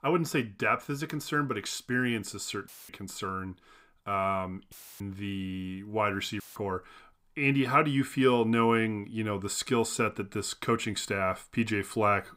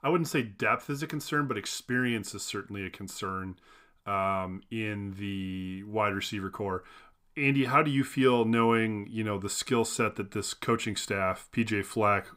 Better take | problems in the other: second | audio cutting out; filled with static; at 2.5 s, at 4.5 s and at 6.5 s

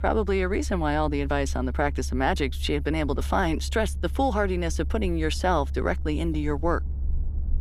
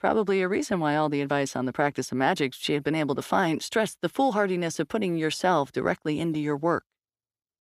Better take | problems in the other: second | low rumble; faint; throughout; 25 dB below the speech

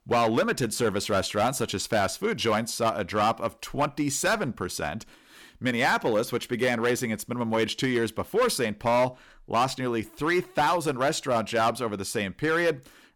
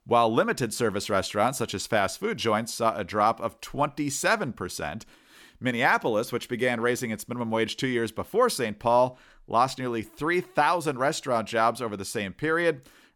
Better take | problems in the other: second | distortion; slight; 6% of the sound clipped

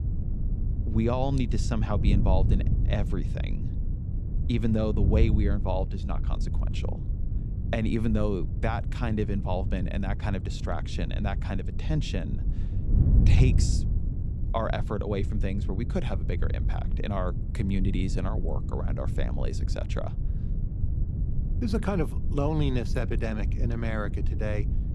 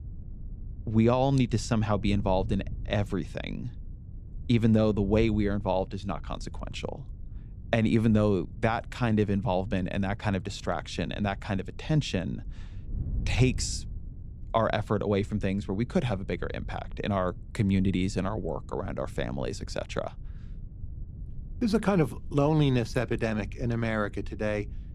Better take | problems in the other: second | wind noise on the microphone; heavy; 9 dB below the speech; occasional gusts in the second

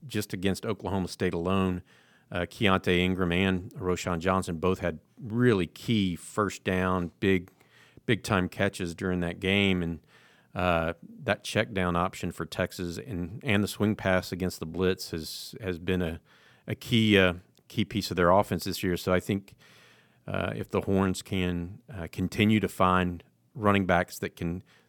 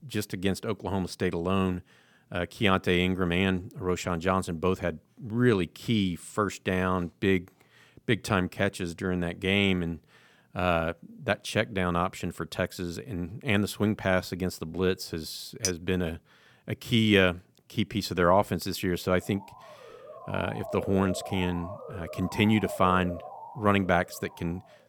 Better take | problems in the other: first | clattering dishes; noticeable; at 16 s; peak 4 dB below the speech // siren; noticeable; from 19 s on; peak 9 dB below the speech

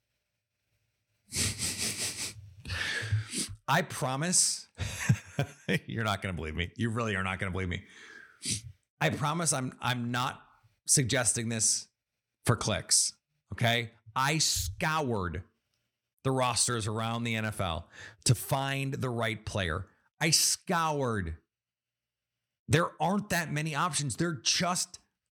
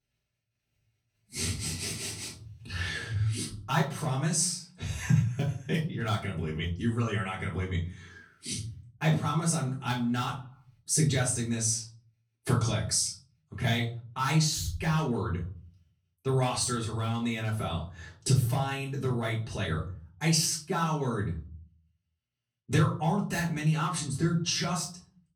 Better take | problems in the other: first | off-mic speech; far // room echo; slight; dies away in 0.4 s

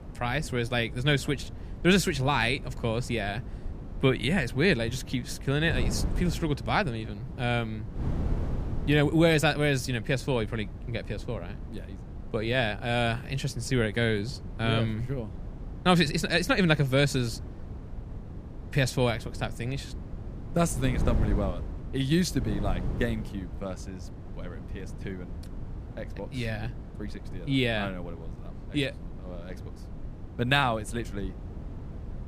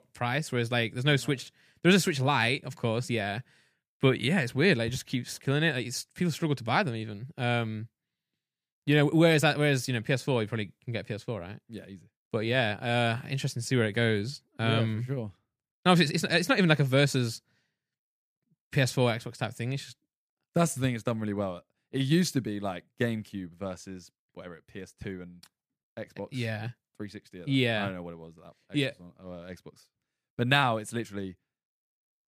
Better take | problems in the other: second | wind noise on the microphone; occasional gusts; 20 dB below the speech

